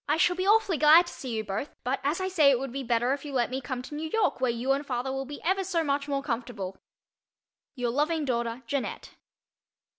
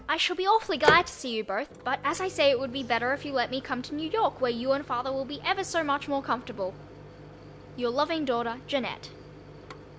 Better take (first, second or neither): first